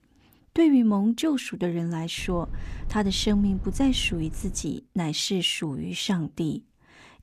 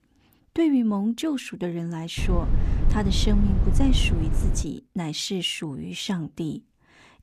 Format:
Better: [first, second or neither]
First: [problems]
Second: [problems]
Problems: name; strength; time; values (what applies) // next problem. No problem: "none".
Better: first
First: low rumble; faint; from 2 to 4.5 s; 25 dB below the speech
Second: low rumble; loud; from 2 to 4.5 s; 9 dB below the speech